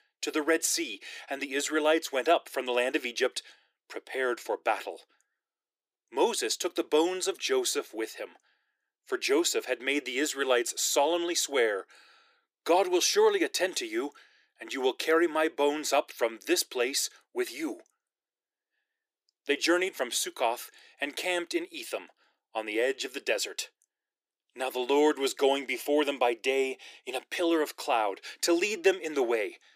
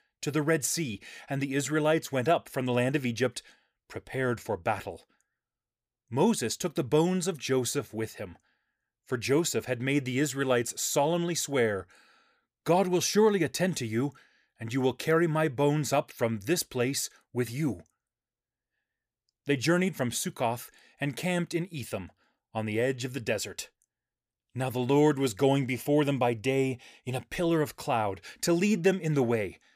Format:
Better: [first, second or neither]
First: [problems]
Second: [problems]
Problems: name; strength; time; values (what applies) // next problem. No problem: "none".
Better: second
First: thin; somewhat; fading below 300 Hz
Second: none